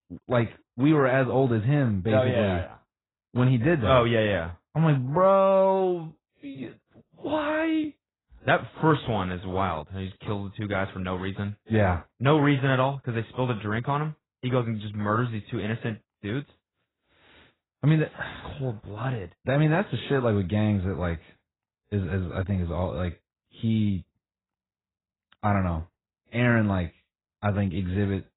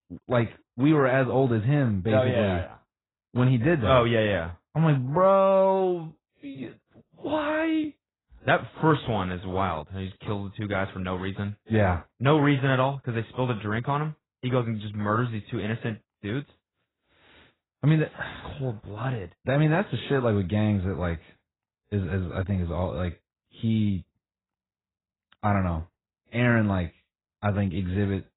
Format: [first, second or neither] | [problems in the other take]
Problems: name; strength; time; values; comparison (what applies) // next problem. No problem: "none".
neither | garbled, watery; badly; nothing above 4 kHz; the same in both